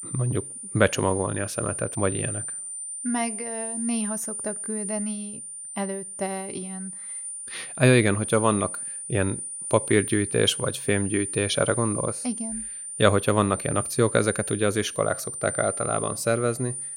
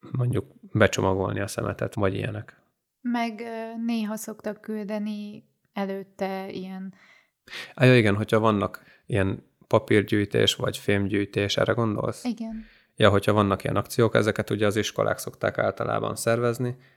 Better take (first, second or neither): second